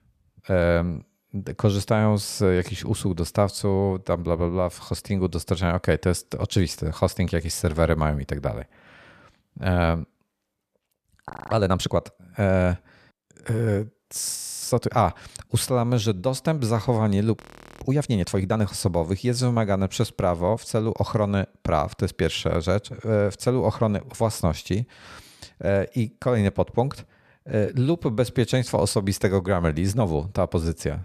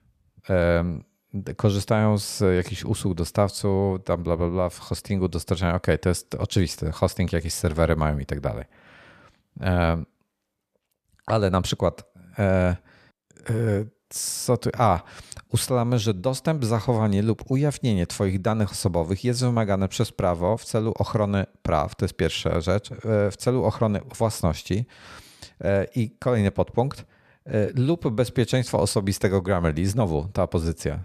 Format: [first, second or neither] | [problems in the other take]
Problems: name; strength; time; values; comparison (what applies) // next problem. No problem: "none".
second | audio freezing; at 11 s, at 14 s and at 17 s